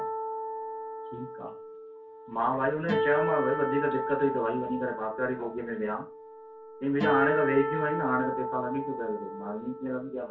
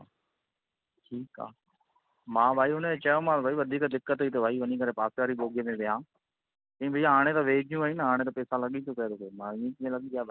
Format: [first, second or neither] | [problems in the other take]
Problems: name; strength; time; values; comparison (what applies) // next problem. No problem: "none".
second | background sound (Acoustic guitar); 2 dB below the speech // room echo; dies away in 0.3 s